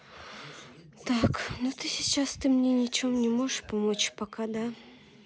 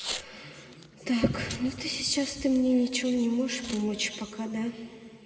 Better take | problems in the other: first | background sound (Packing tape, duct tape / Tearing); 16 dB below the speech // room echo; dies away in 2.5 s

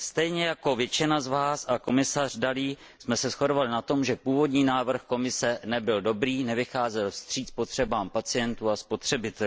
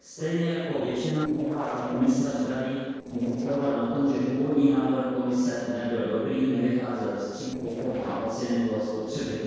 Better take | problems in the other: first | noise reduction (neural separator model SepFormer DNS4)

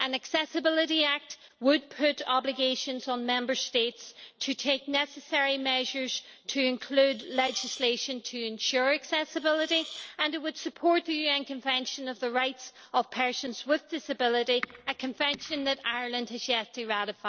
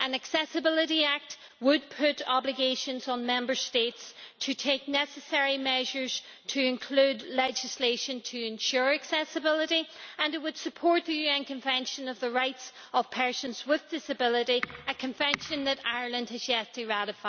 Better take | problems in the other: second | noise reduction (neural separator model SepFormer DNS4)

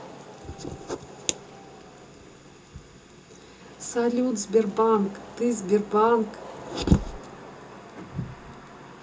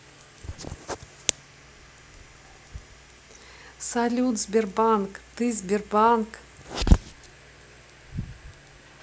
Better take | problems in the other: second | background sound (Wind / Rain); 17 dB below the speech // room echo; dies away in 0.2 s

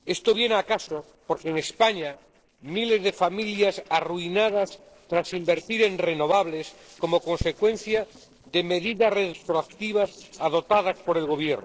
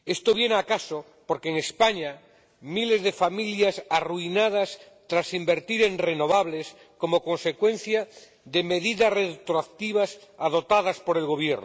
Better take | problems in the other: second | noise reduction (neural separator model SepFormer DNS4)

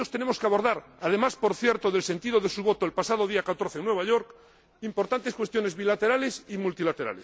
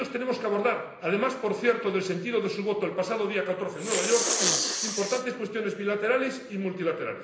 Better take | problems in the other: first | background sound (Respiratory sounds); 2 dB below the speech // room echo; dies away in 0.9 s

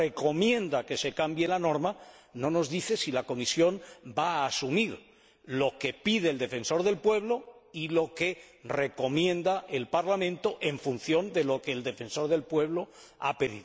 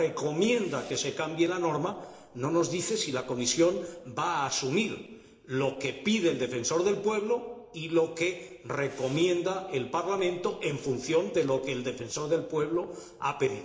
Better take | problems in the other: first | noise reduction (neural separator model SepFormer DNS4)

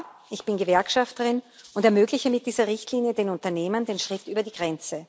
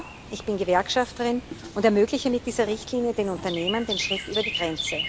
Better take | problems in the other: first | background sound (Chirp, tweet); 9 dB below the speech

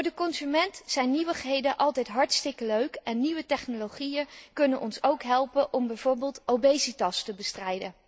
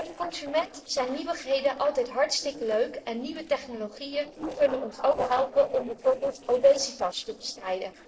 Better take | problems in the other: first | noise reduction (neural separator model SepFormer DNS4)

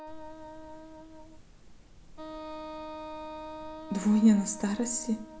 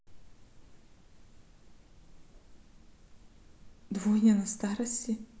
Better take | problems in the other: second | background sound (Wind instrument, woodwind instrument); 12 dB below the speech

